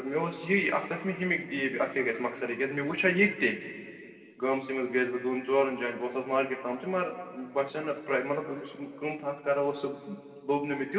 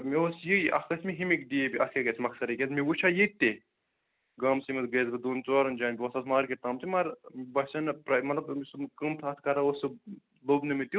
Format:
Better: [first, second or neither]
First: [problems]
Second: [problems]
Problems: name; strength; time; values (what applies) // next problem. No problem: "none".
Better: second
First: room echo; dies away in 2.3 s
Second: none